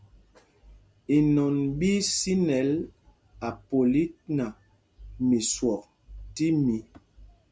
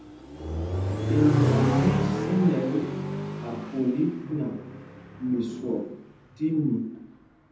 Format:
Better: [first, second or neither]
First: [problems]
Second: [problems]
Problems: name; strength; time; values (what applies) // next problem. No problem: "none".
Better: first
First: none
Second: background sound (Accelerating, revving, vroom); 1 dB below the speech // room echo; dies away in 0.8 s